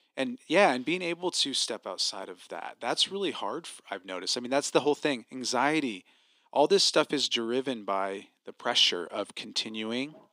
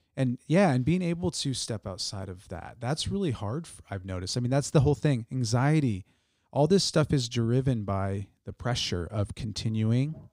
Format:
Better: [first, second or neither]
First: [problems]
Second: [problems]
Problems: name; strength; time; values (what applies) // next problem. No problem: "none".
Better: second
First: thin; somewhat; fading below 300 Hz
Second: none